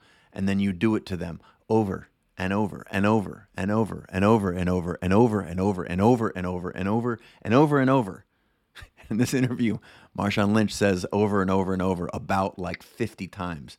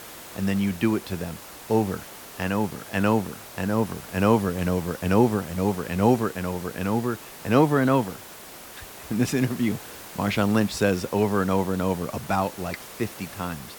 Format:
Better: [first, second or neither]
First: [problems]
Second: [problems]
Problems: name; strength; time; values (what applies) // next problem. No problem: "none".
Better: first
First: none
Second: hiss; noticeable; throughout; 15 dB below the speech